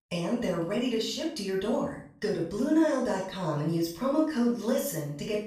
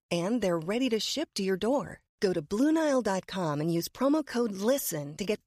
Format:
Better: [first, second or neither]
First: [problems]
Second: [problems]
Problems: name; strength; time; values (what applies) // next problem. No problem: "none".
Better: second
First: off-mic speech; far // room echo; noticeable; dies away in 0.4 s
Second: none